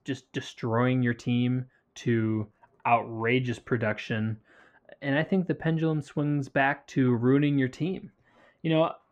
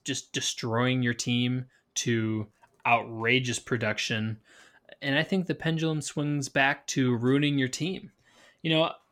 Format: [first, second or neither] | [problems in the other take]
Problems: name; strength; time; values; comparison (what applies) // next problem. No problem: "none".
second | muffled; very; fading above 3 kHz